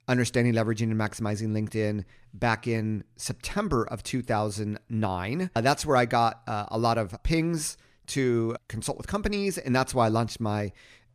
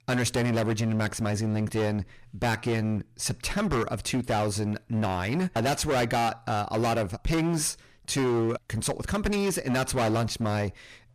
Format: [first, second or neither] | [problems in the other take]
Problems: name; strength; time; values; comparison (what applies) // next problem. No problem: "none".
first | distortion; heavy; 19% of the sound clipped